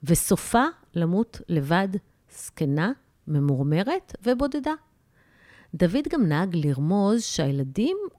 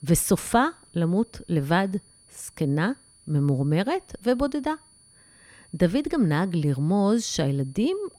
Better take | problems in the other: first | high-pitched whine; faint; throughout; 9.5 kHz, 30 dB below the speech

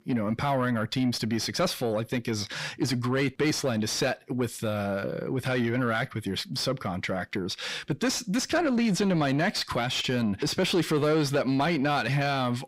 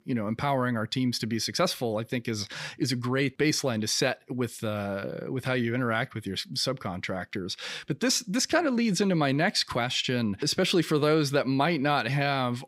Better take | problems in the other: second | distortion; slight; 10 dB below the speech

